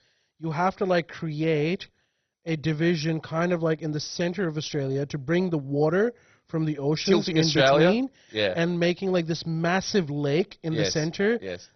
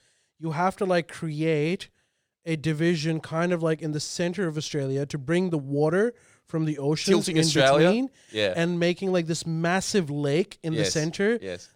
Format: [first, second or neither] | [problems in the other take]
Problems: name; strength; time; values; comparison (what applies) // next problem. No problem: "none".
second | garbled, watery; badly; nothing above 6 kHz